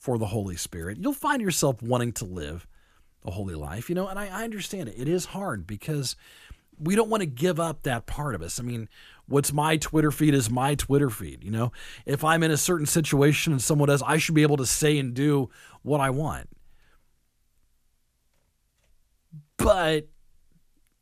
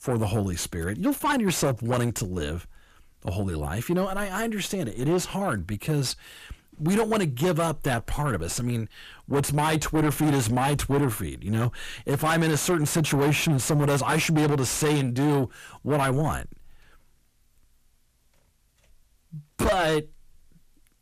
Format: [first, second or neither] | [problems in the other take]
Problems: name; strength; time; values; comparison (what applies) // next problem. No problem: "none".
first | distortion; heavy; 7 dB below the speech